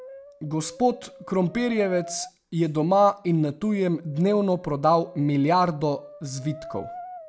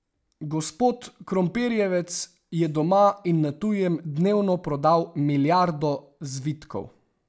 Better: second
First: background sound (Brass instrument); 19 dB below the speech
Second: none

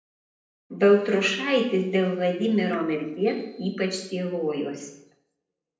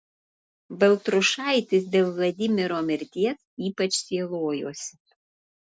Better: second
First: noise reduction (neural separator model SepFormer DNS4)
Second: none

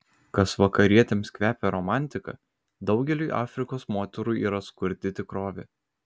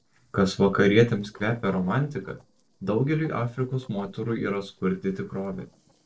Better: first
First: none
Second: noise reduction (neural separator model SepFormer DNS4)

